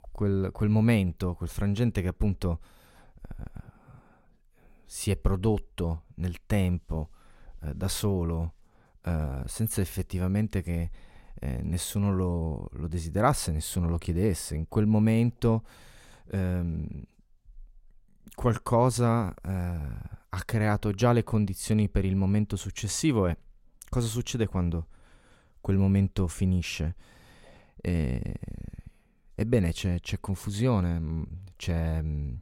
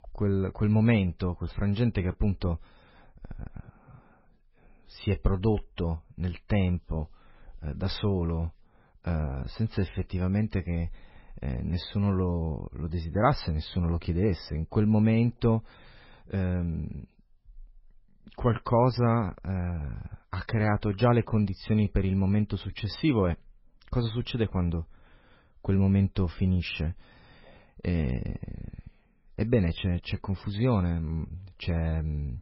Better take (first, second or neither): first